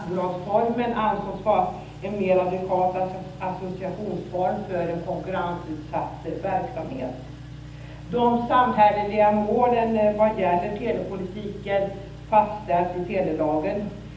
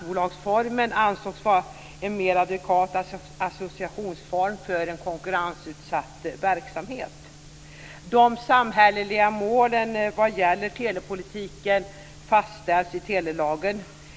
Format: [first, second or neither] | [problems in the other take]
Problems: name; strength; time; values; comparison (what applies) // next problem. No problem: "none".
second | background sound (Engine); 17 dB below the speech // room echo; dies away in 0.8 s